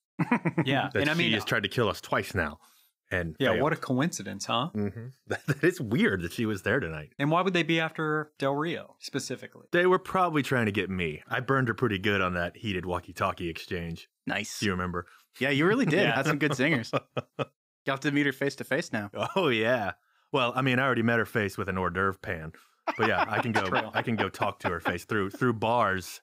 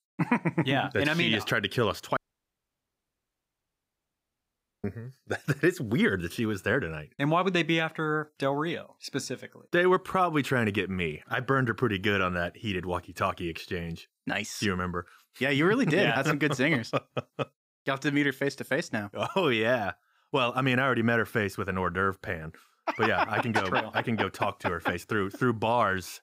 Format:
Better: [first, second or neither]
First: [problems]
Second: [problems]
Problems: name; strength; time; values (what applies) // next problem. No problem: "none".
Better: first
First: none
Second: audio cutting out; at 2 s for 2.5 s